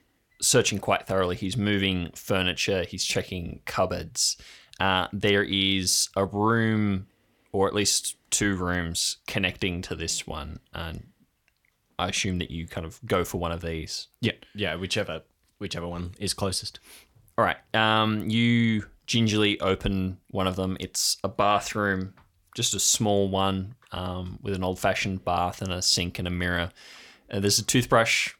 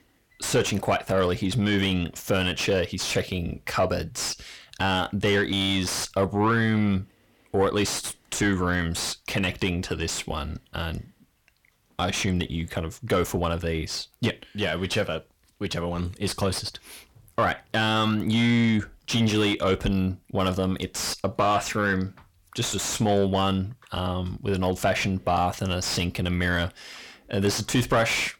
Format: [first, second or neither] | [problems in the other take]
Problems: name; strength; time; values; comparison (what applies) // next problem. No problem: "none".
first | distortion; heavy; 7 dB below the speech